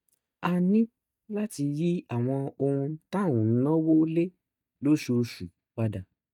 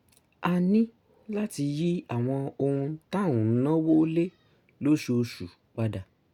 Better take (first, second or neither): second